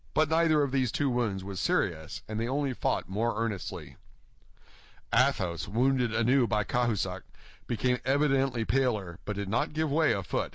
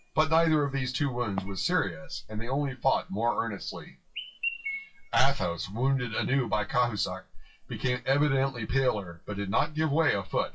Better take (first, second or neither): first